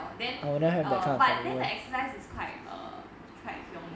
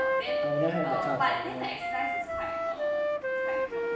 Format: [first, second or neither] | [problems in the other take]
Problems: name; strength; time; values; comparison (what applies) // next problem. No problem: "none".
first | background sound (Wind instrument, woodwind instrument); 3 dB above the speech // room echo; dies away in 1 s